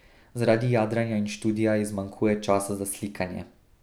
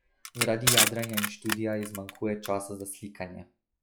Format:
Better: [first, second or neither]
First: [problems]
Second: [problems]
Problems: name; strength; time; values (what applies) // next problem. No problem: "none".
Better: first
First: none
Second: noise reduction (classical method log-MMSE)